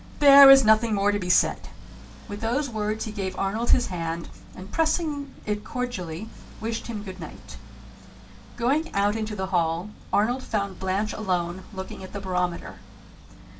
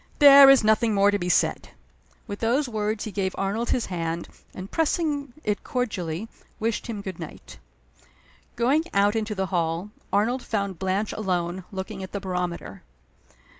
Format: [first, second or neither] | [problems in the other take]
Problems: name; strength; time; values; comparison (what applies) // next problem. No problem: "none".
second | background sound (Accelerating, revving, vroom); 19 dB below the speech // room echo; dies away in 0.2 s